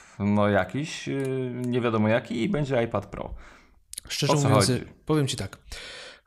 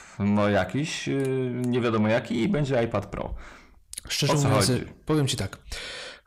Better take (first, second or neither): first